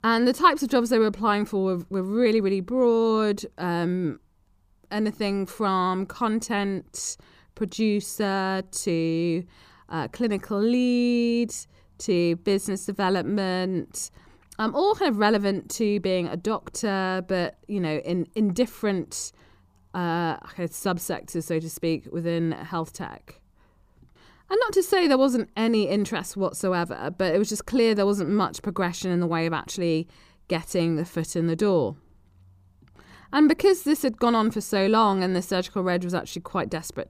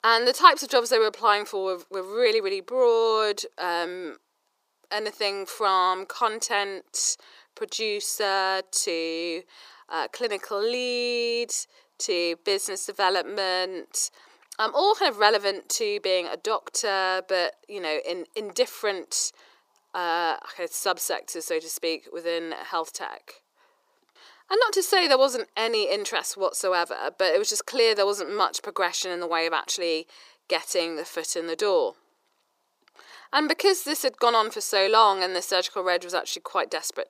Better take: first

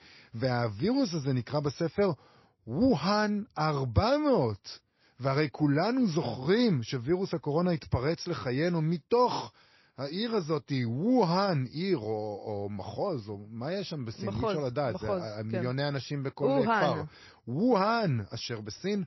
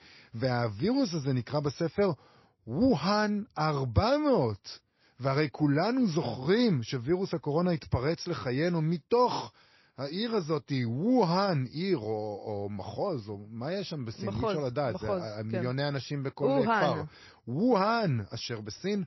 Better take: neither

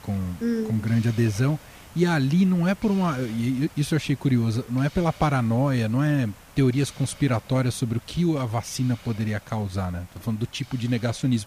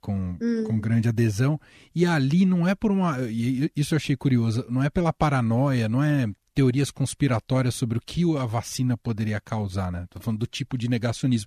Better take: second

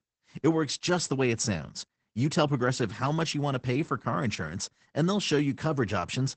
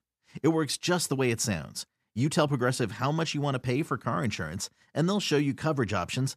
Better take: second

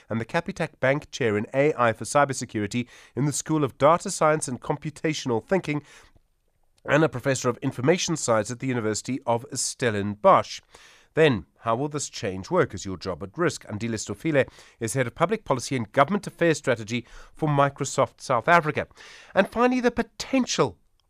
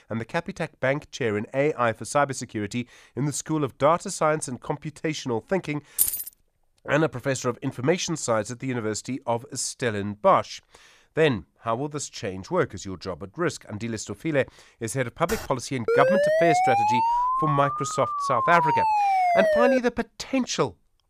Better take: first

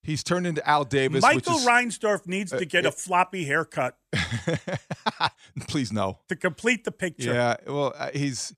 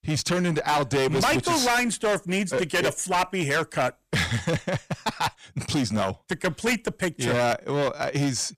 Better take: first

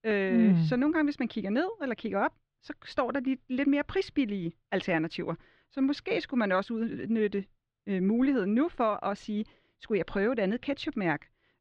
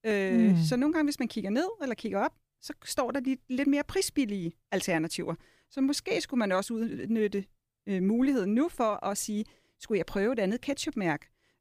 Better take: second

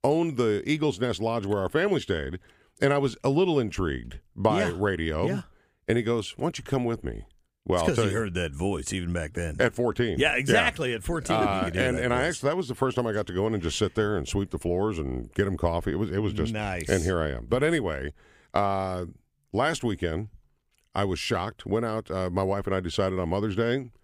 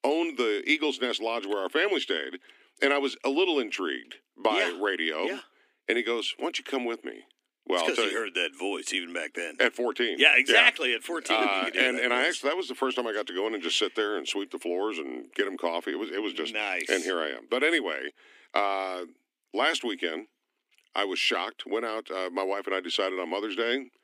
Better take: first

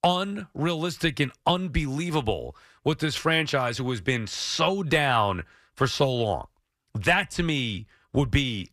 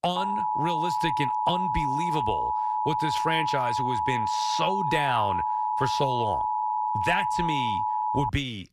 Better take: first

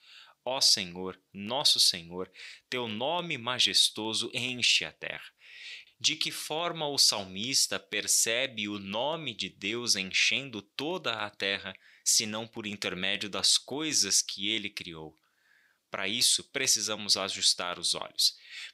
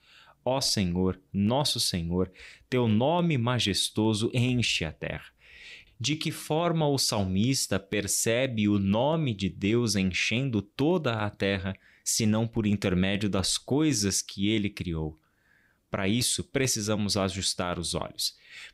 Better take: second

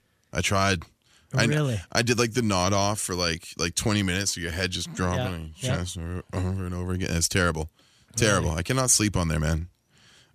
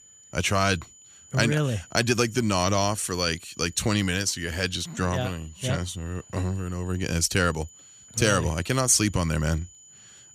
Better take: first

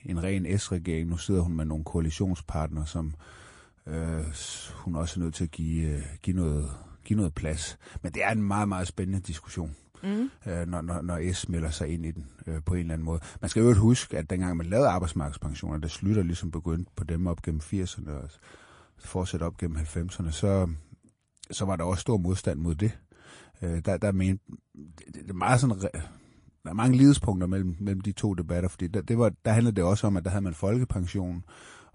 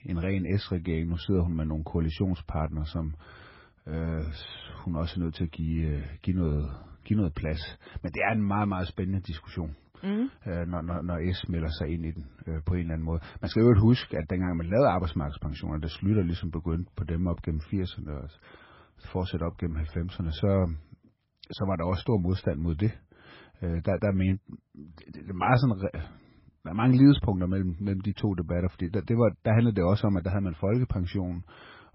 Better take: first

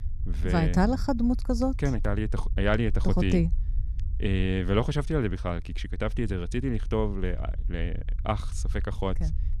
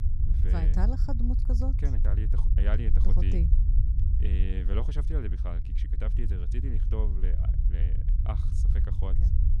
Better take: first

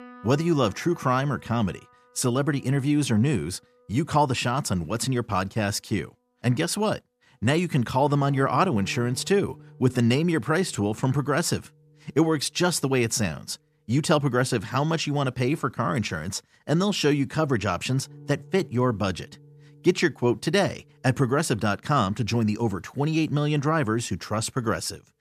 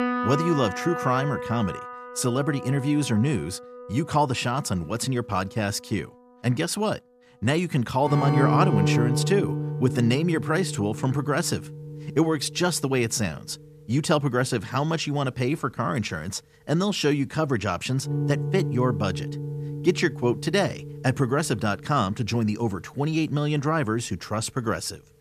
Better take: first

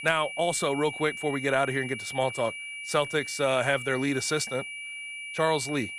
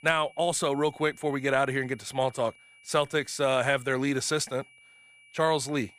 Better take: second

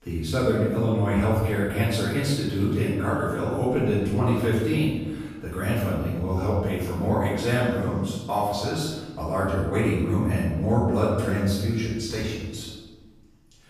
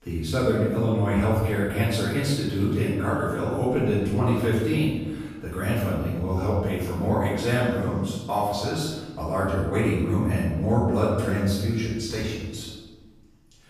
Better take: neither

